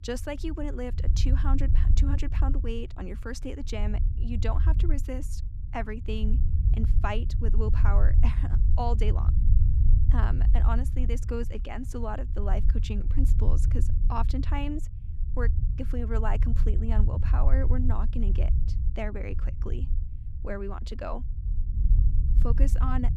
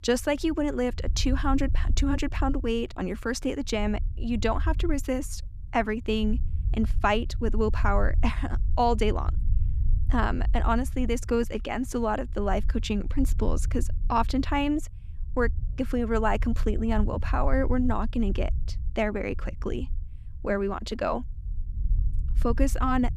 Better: second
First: low rumble; loud; throughout; 8 dB below the speech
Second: low rumble; faint; throughout; 20 dB below the speech

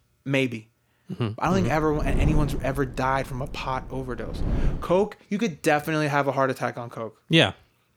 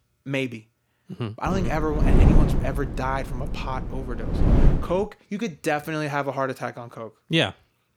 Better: first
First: wind noise on the microphone; occasional gusts; from 1.5 to 5 s; 15 dB below the speech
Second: wind noise on the microphone; heavy; from 1.5 to 5 s; 5 dB below the speech

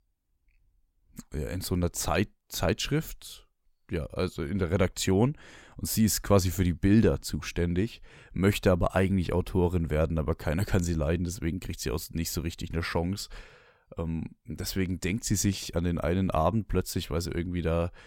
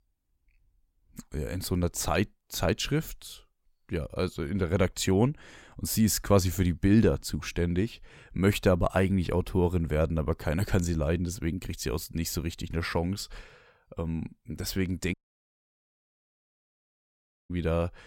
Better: first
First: none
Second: audio cutting out; at 15 s for 2.5 s

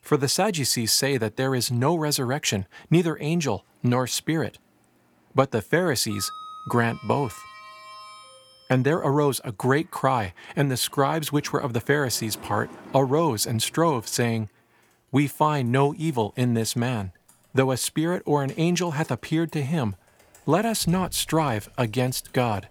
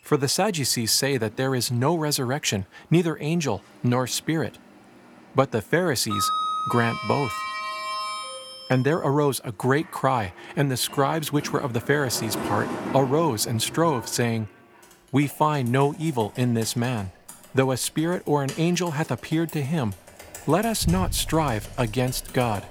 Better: first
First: household noises; faint; throughout; 20 dB below the speech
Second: household noises; loud; throughout; 9 dB below the speech

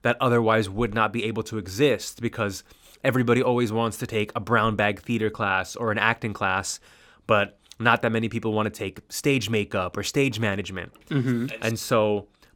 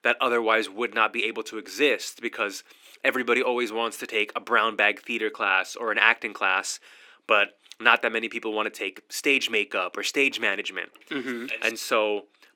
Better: first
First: none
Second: thin; somewhat; fading below 300 Hz

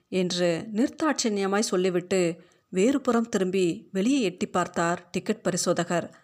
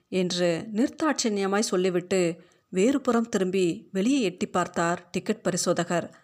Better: neither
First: none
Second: none

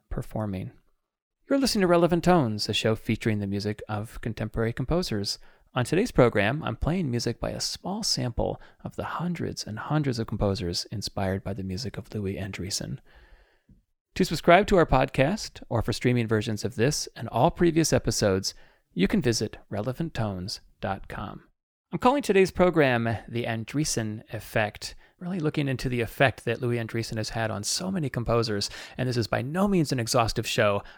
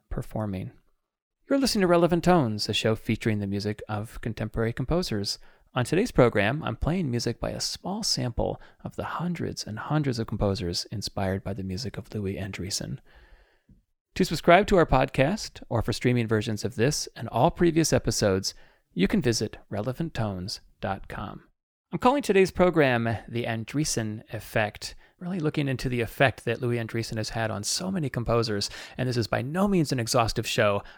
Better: neither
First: none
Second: none

